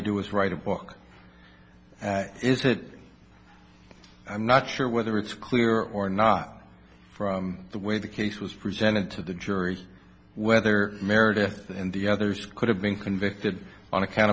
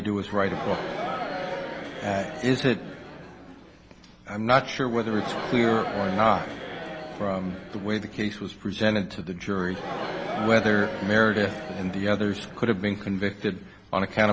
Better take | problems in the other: first | background sound (Crowd); 9 dB below the speech

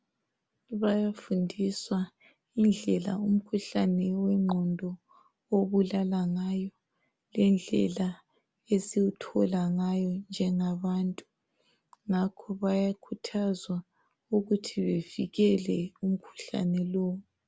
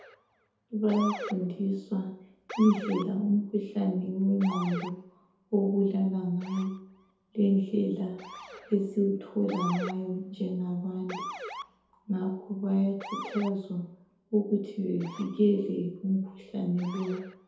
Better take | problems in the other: first | background sound (Motor vehicle (road) / Siren); 14 dB below the speech // room echo; dies away in 2 s

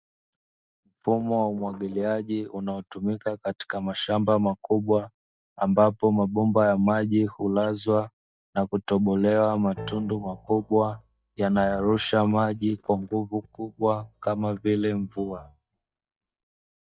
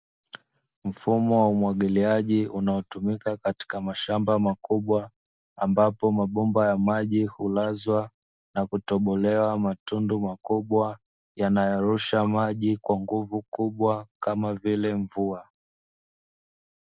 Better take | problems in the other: second | noise reduction (neural mask model DeepFilterNet 3)

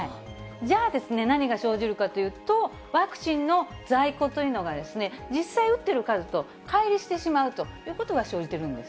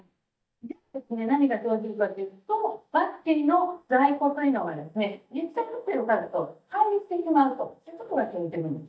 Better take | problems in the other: first | noise reduction (neural mask model DeepFilterNet 3)

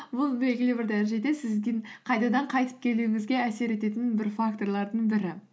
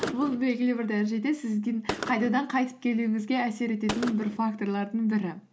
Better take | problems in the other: first | background sound (Gunshot, gunfire); 12 dB below the speech

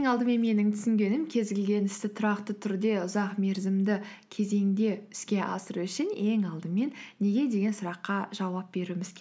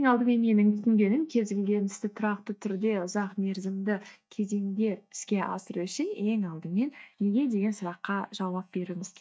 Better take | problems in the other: first | noise reduction (neural mask model DeepFilterNet 3)

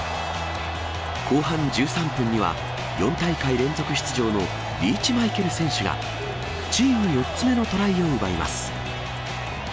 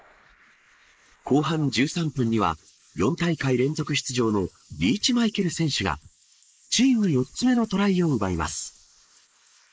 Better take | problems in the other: first | noise reduction (neural mask model Resemble Enhance denoiser)

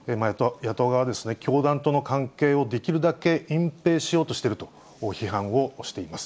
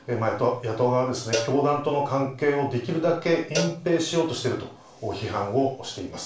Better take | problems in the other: first | background sound (Cowbell); 11 dB below the speech // room echo; dies away in 0.3 s

